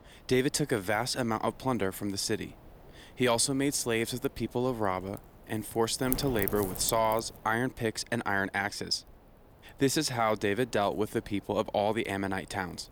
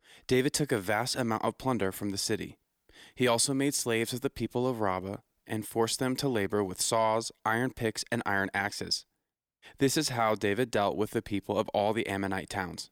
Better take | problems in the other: second | wind noise on the microphone; occasional gusts; 20 dB below the speech

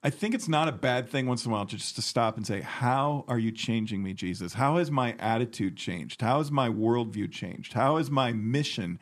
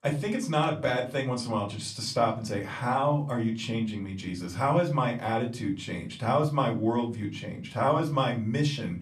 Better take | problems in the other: first | off-mic speech; somewhat distant // room echo; very slight; dies away in 0.3 s

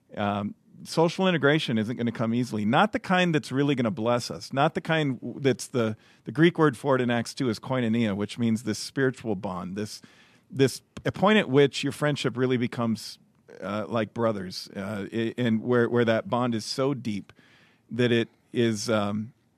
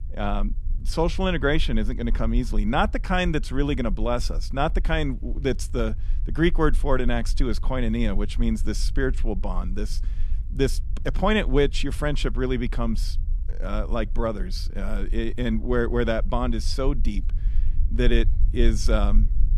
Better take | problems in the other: first | low rumble; faint; throughout; 25 dB below the speech

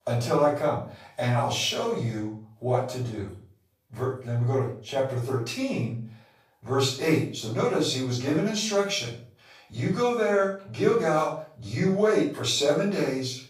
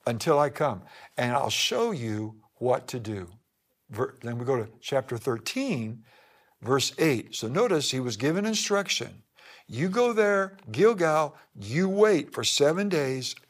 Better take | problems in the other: second | off-mic speech; far // room echo; noticeable; dies away in 0.4 s

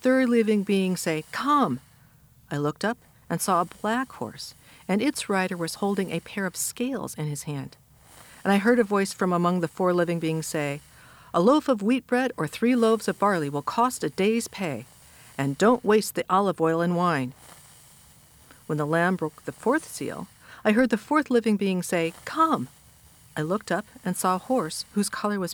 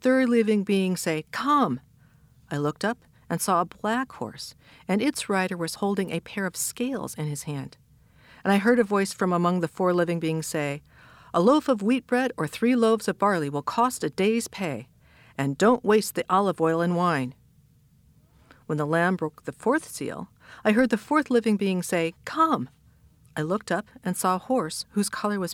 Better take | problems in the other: second | hiss; faint; throughout; 25 dB below the speech

